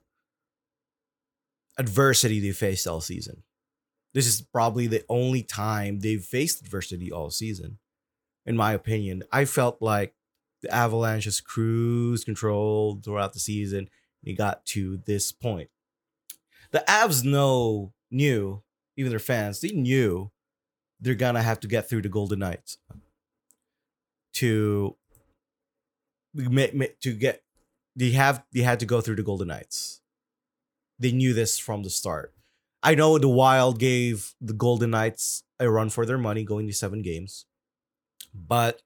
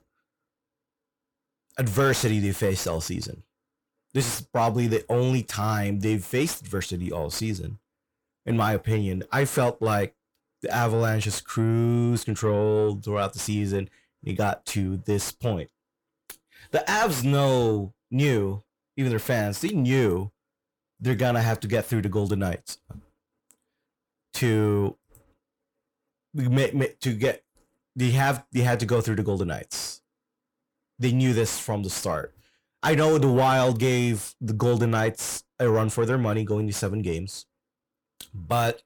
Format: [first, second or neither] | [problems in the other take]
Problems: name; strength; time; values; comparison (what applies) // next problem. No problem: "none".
first | distortion; slight; 10 dB below the speech